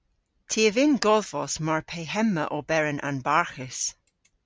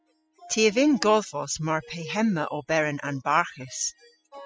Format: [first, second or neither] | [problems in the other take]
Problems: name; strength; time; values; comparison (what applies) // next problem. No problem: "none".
first | noise reduction (classical method spectral subtraction)